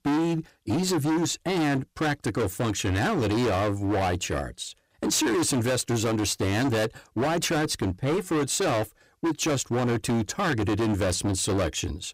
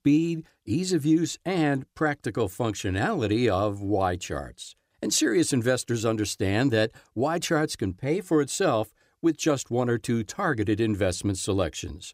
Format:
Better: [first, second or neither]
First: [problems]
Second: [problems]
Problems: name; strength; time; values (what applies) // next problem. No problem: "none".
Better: second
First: distortion; heavy; 28% of the sound clipped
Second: none